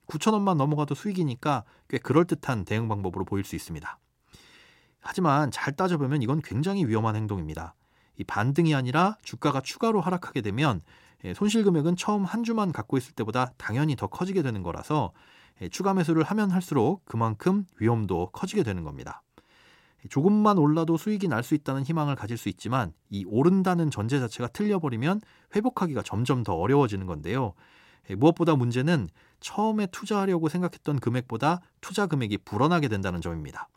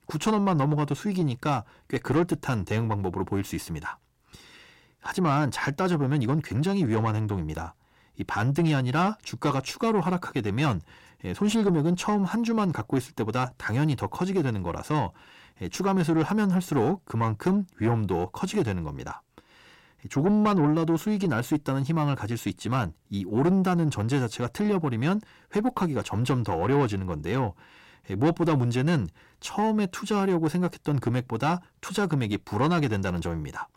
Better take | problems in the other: first | distortion; slight; 10 dB below the speech

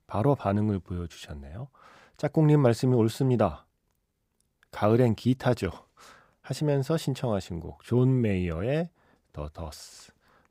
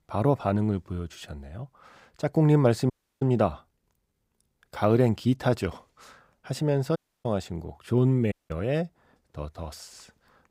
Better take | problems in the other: first | audio cutting out; at 3 s, at 7 s and at 8.5 s

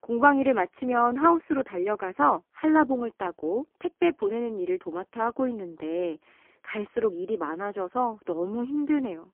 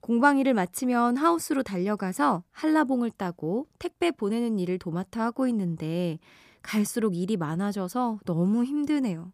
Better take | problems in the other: second | phone-call audio; poor line; nothing above 3 kHz

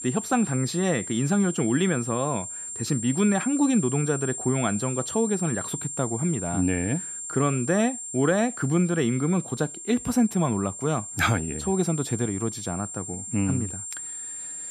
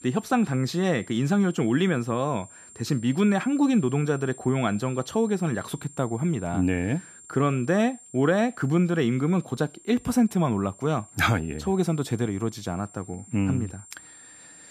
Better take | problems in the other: second | high-pitched whine; loud; throughout; 7.5 kHz, 7 dB below the speech; faint in the second

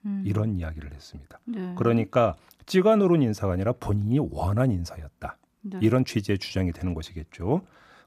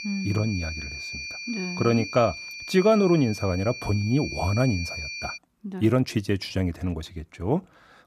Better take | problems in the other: first | high-pitched whine; loud; until 5.5 s; 2.5 kHz, 9 dB below the speech

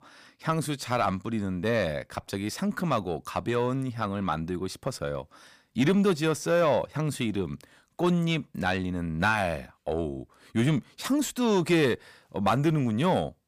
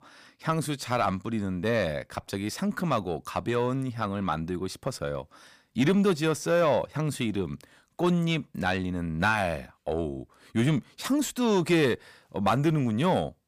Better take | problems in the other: neither | distortion; slight; 10 dB below the speech; the same in both

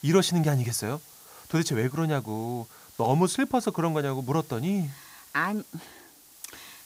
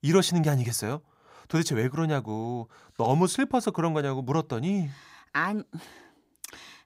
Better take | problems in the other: second | hiss; faint; throughout; 20 dB below the speech

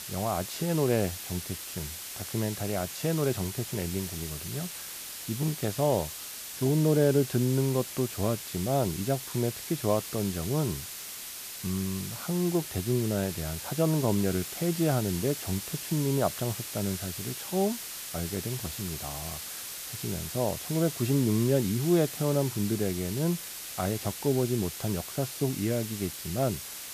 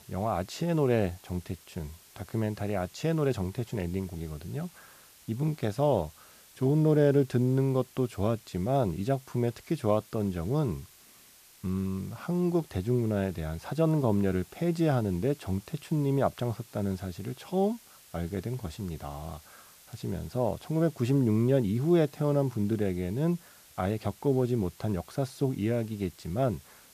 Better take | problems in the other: second | hiss; loud; throughout; 7 dB below the speech; faint in the second

